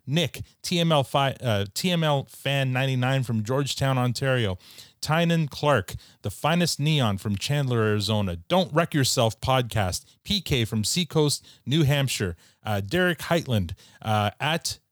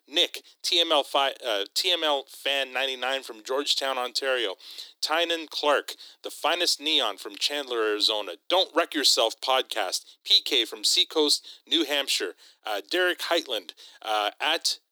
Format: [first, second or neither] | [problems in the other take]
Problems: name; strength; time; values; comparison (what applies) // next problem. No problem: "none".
first | thin; very; fading below 300 Hz